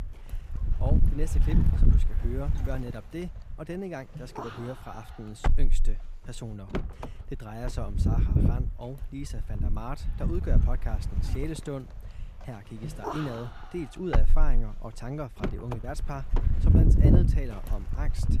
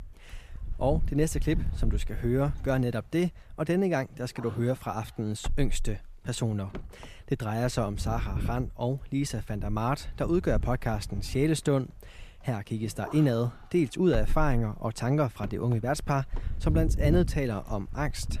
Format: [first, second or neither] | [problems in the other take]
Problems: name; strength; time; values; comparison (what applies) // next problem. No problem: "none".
second | wind noise on the microphone; heavy; 1 dB above the speech; occasional gusts in the second